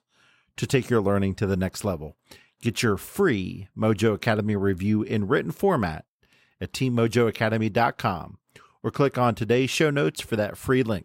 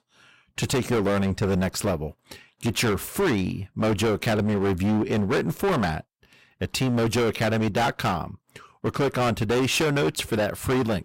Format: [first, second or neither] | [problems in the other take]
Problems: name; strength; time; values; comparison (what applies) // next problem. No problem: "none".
first | distortion; heavy; 20% of the sound clipped